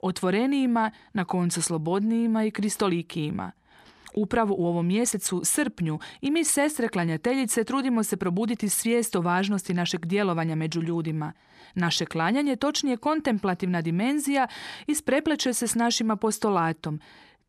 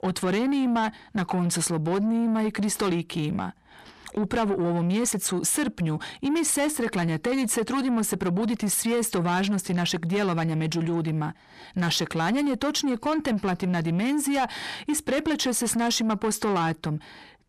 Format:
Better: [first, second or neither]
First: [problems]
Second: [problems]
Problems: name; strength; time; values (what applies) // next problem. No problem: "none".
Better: first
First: none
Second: distortion; slight; 10 dB below the speech